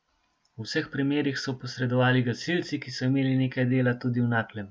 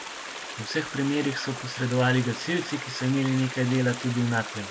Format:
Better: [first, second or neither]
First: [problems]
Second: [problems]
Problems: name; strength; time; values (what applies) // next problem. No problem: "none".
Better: first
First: none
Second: background sound (Stream); 10 dB below the speech